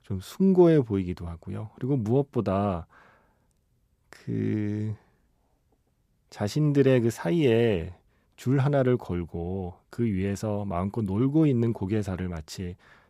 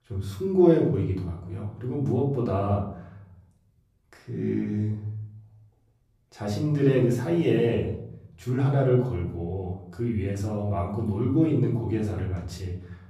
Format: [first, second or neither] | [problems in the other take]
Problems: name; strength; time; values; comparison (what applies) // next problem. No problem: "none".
first | off-mic speech; far // room echo; slight; dies away in 0.7 s